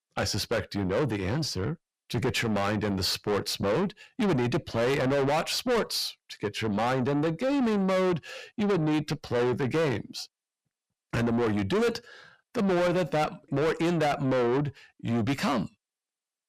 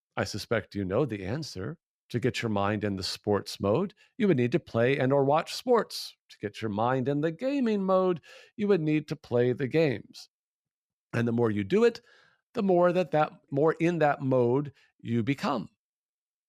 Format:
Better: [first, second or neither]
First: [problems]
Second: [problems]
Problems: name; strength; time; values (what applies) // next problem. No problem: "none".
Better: second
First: distortion; heavy; 5 dB below the speech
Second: none